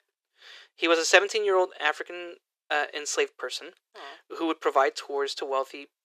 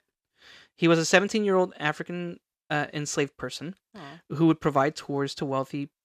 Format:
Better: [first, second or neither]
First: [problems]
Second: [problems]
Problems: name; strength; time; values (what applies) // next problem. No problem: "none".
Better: second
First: thin; very; fading below 400 Hz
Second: none